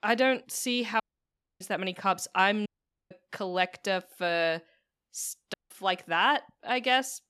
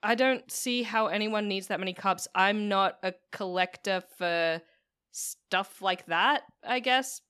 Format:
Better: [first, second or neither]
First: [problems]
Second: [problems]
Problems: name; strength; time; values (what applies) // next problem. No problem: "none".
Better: second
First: audio cutting out; at 1 s for 0.5 s, at 2.5 s and at 5.5 s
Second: none